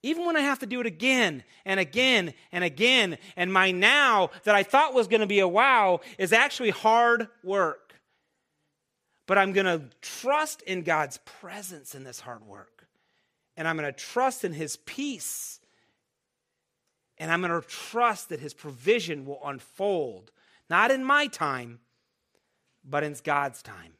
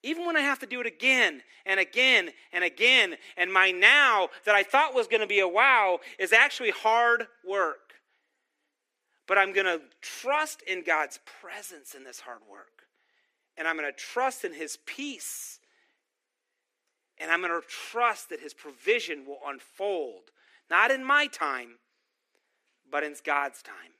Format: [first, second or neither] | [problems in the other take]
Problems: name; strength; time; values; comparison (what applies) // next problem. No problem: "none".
first | thin; somewhat; fading below 250 Hz